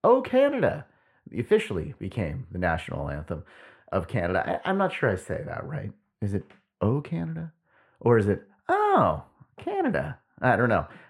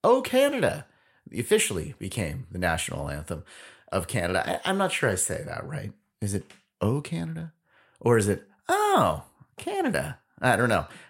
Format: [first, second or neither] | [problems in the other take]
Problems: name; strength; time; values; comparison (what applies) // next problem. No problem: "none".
second | muffled; very; fading above 3.5 kHz